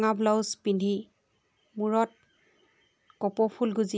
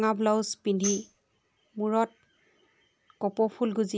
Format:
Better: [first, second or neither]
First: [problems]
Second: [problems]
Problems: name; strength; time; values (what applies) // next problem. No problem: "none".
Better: first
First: none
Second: background sound (Tambourine); 10 dB below the speech